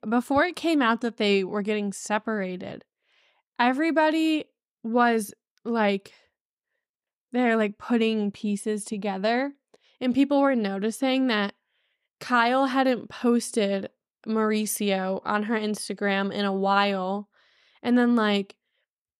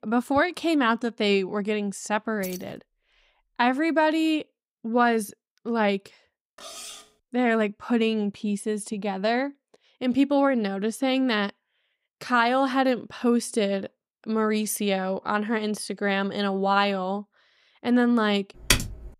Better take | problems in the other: first | jangling keys; faint; at 2.5 s; peak 15 dB below the speech // clattering dishes; faint; at 6.5 s; peak 15 dB below the speech // keyboard typing; loud; at 19 s; peak 2 dB above the speech

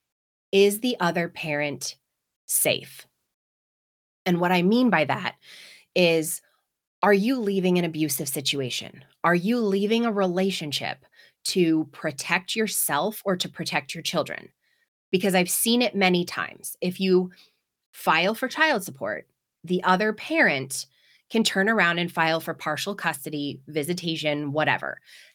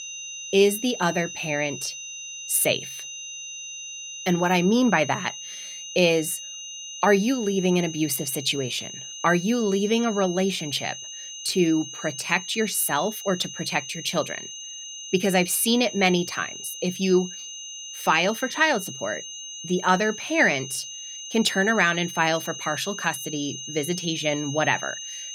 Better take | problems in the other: first | high-pitched whine; noticeable; throughout; 6.5 kHz, 10 dB below the speech

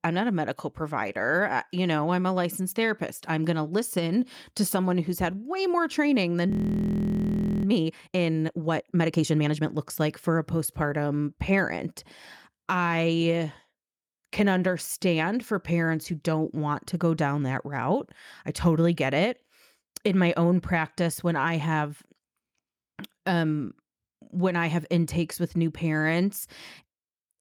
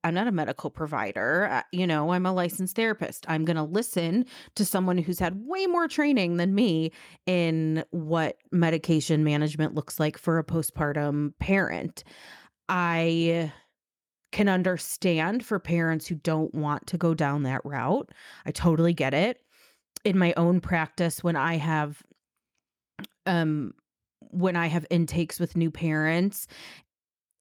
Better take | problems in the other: second | audio freezing; at 6.5 s for 1 s

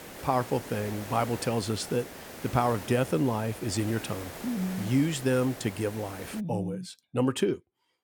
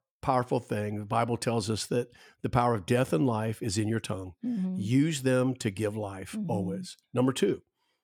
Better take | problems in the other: second | hiss; noticeable; until 6.5 s; 10 dB below the speech

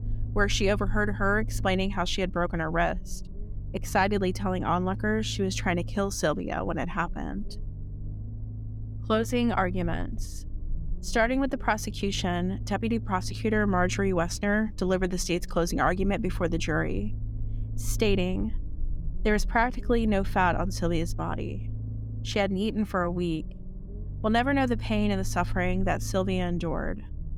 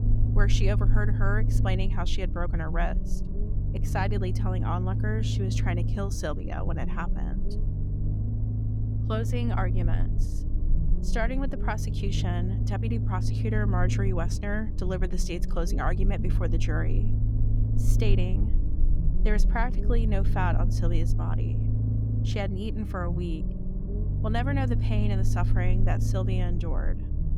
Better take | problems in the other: first | low rumble; loud; throughout; 7 dB below the speech; faint in the first

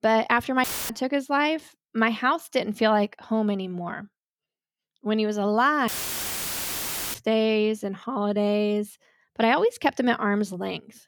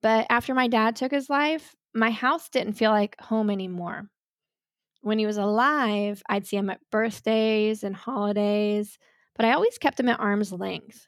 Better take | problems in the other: second | audio cutting out; filled with static; at 0.5 s and at 6 s for 1.5 s

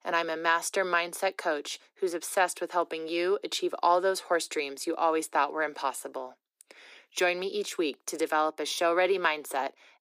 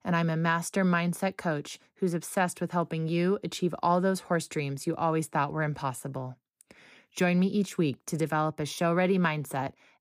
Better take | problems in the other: second | thin; very; fading below 350 Hz

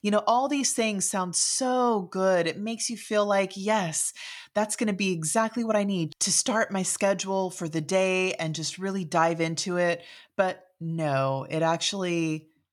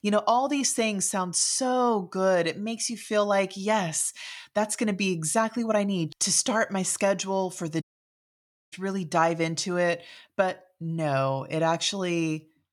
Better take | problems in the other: first | audio cutting out; at 8 s for 1 s

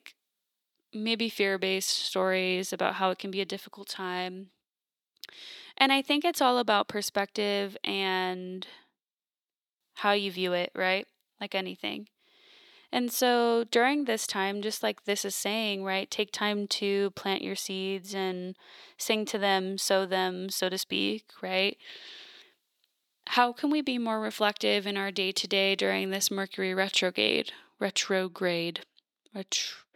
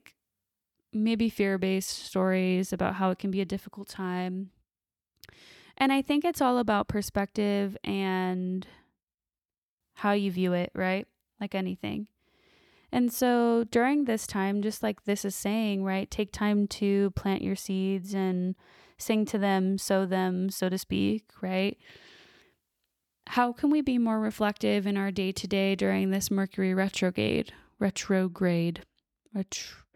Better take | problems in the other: second | thin; somewhat; fading below 350 Hz

